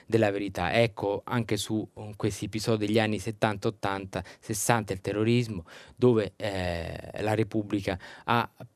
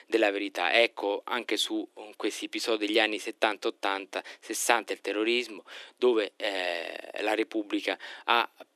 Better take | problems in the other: first | thin; somewhat; fading below 300 Hz

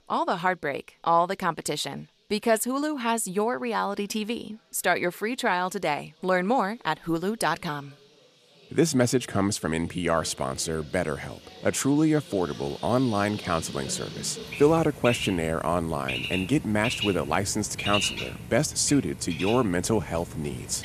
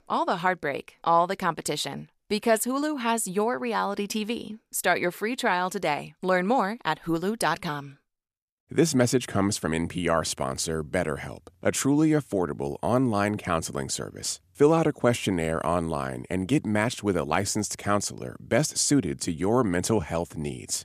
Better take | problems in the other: second | animal sounds; loud; throughout; 9 dB below the speech

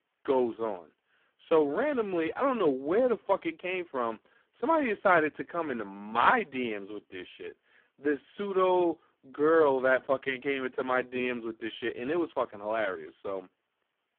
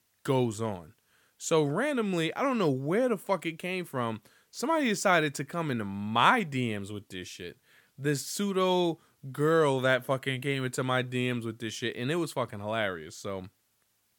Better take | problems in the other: second | phone-call audio; poor line

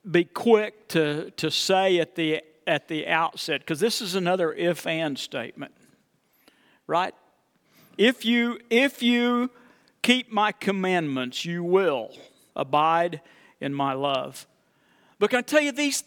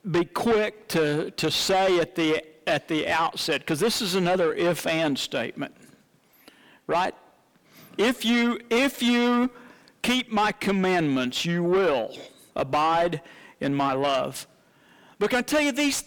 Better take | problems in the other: first | distortion; heavy; 7 dB below the speech

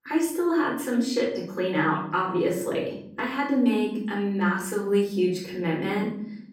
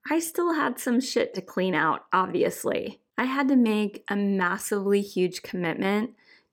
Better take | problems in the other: second | off-mic speech; far // room echo; noticeable; dies away in 0.8 s

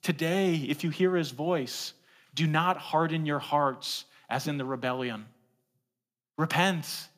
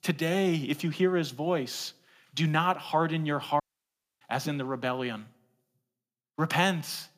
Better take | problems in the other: first | audio cutting out; at 3.5 s for 0.5 s

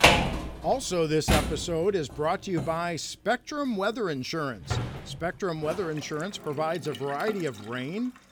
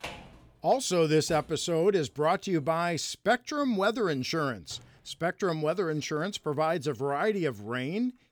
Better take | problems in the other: second | household noises; loud; throughout; 2 dB below the speech; faint in the second

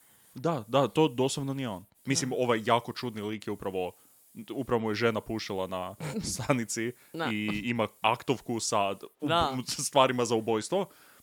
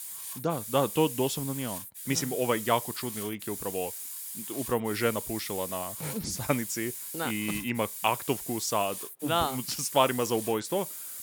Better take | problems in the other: first | hiss; loud; throughout; 6 dB below the speech; faint in the first

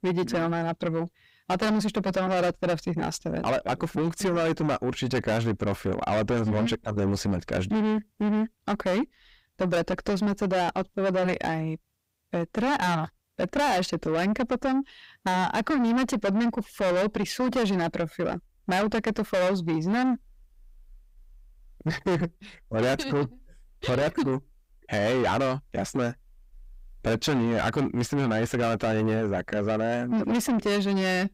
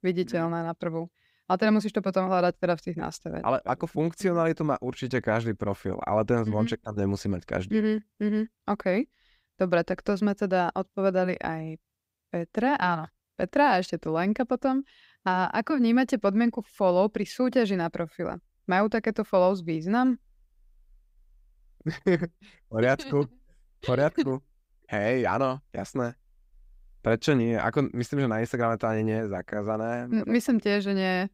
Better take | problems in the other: second | distortion; heavy; 6 dB below the speech

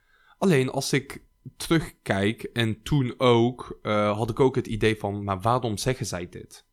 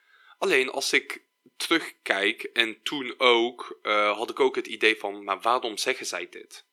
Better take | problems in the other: first | thin; very; fading below 350 Hz

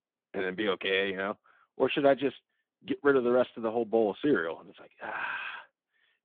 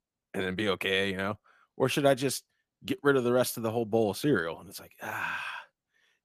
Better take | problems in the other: second | phone-call audio; nothing above 3.5 kHz

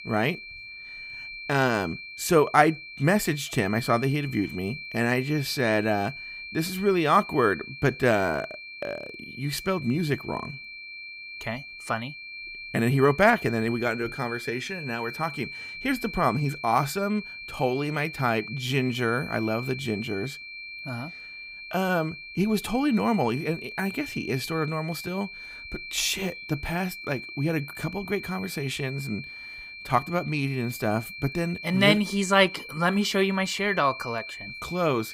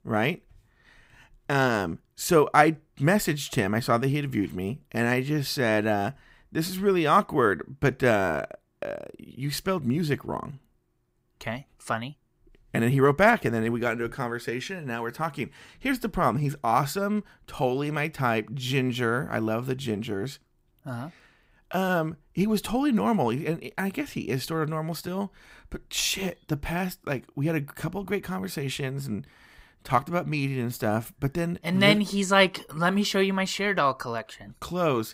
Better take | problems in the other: second | high-pitched whine; noticeable; throughout; 2.5 kHz, 10 dB below the speech

